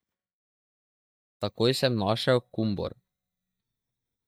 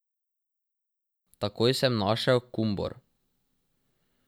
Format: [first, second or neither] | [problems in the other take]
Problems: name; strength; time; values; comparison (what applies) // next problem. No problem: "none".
second | noise reduction (neural mask model DeepFilterNet 3)